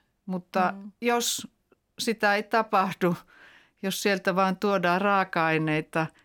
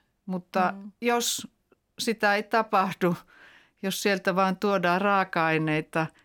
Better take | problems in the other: neither | none

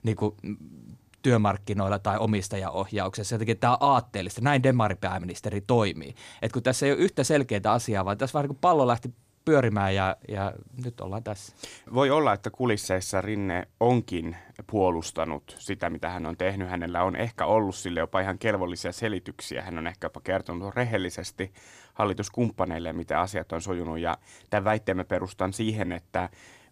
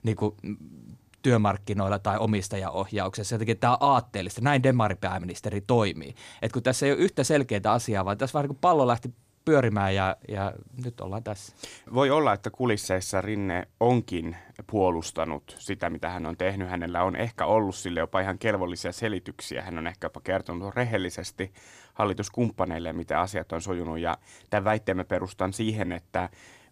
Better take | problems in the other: neither | none

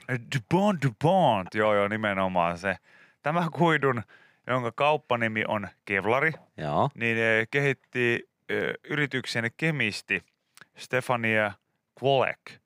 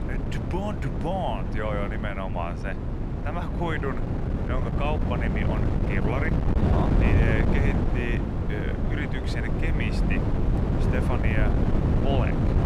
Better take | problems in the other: first | wind noise on the microphone; heavy; 1 dB below the speech

